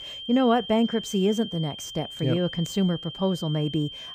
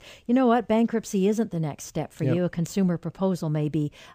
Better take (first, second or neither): second